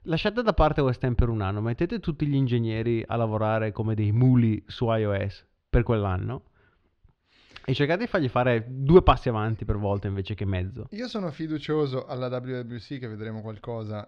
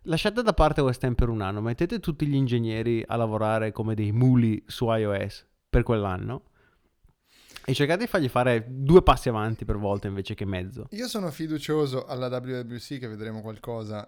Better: second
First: muffled; very slightly; fading above 4 kHz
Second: none

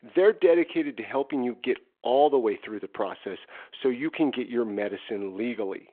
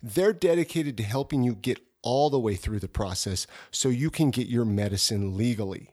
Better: second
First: phone-call audio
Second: none

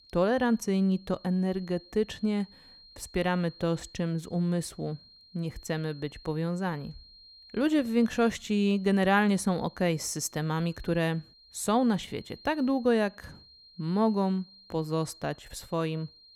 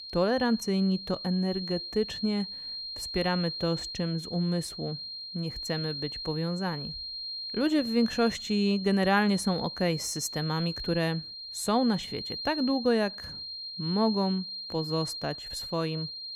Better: first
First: high-pitched whine; faint; throughout; 4 kHz, 25 dB below the speech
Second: high-pitched whine; loud; throughout; 4 kHz, 6 dB below the speech

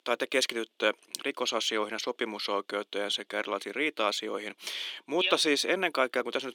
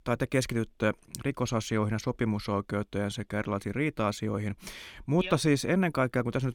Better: second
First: thin; somewhat; fading below 350 Hz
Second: none

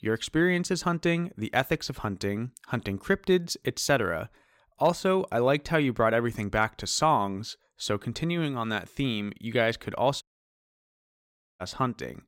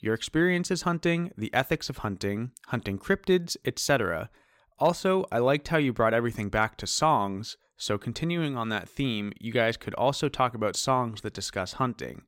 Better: second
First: audio cutting out; at 10 s for 1.5 s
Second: none

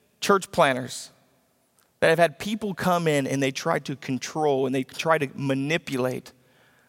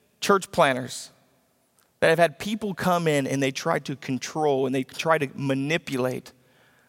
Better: neither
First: none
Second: none

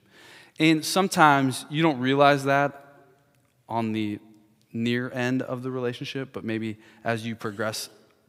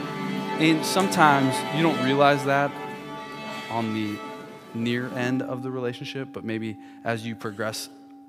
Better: first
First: none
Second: background music; loud; throughout; 7 dB below the speech

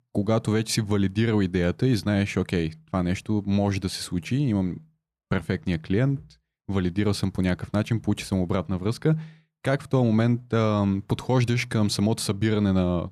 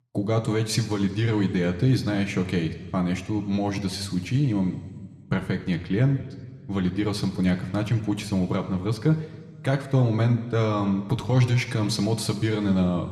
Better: first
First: none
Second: room echo; very slight; dies away in 1.4 s

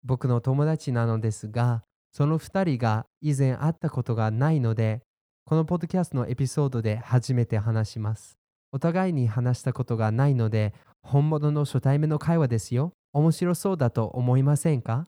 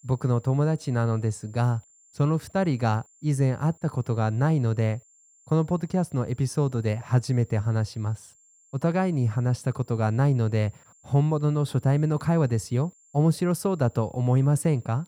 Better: first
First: none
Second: high-pitched whine; faint; throughout; 7.5 kHz, 30 dB below the speech

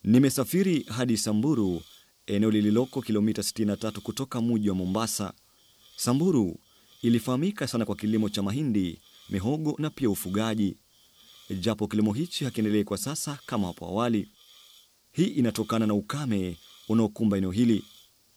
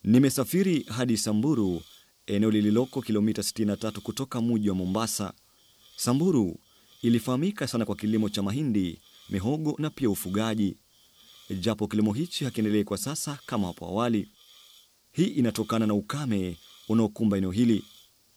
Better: neither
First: hiss; faint; throughout; 25 dB below the speech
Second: hiss; faint; throughout; 25 dB below the speech

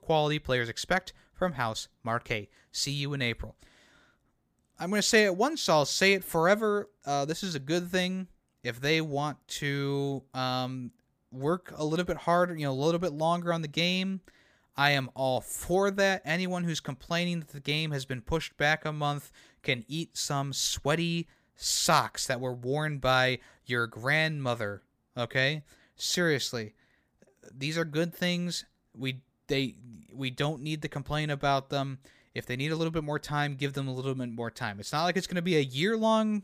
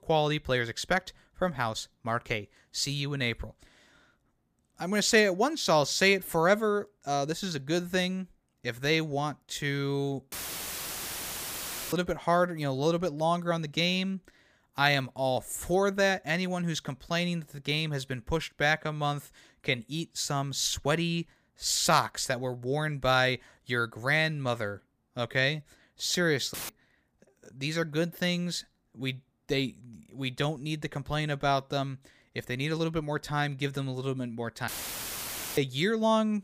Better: first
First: none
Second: audio cutting out; filled with static; at 10 s for 1.5 s, at 27 s and at 35 s for 1 s

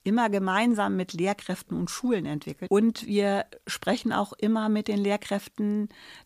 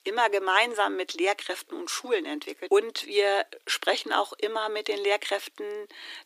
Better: first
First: none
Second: thin; very; fading below 300 Hz

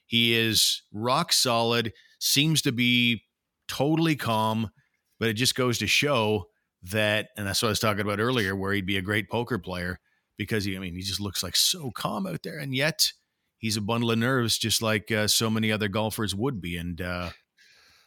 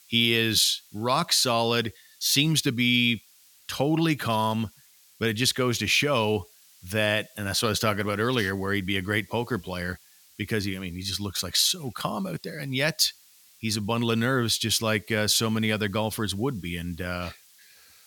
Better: first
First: none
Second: hiss; faint; throughout; 30 dB below the speech

